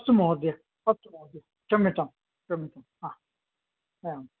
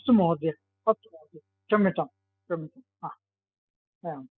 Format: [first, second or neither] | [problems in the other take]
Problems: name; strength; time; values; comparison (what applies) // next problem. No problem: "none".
first | noise reduction (classical method spectral subtraction)